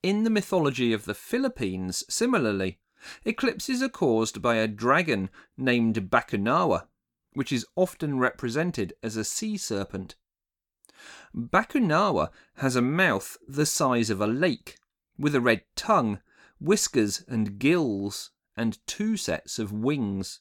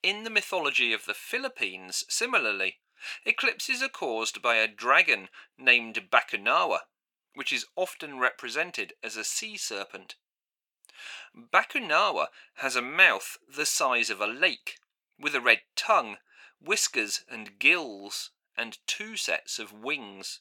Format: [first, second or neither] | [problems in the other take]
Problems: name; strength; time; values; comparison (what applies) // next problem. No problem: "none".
first | thin; very; fading below 650 Hz